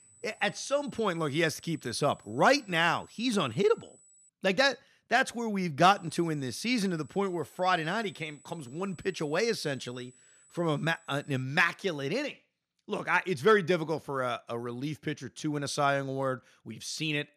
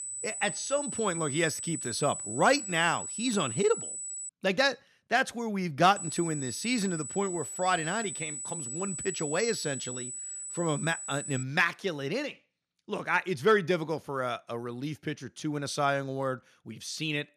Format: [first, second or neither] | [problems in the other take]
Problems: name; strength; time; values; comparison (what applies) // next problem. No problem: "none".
first | high-pitched whine; loud; until 4.5 s and from 6 to 11 s; 8 kHz, 6 dB below the speech; faint in the first